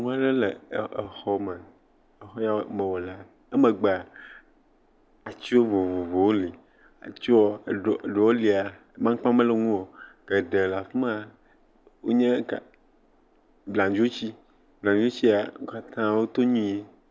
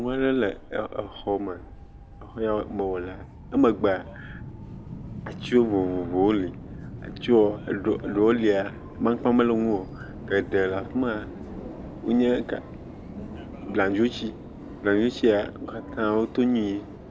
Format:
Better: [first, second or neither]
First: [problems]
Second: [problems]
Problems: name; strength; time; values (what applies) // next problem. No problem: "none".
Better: first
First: none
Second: background sound (Subway, metro, underground); 14 dB below the speech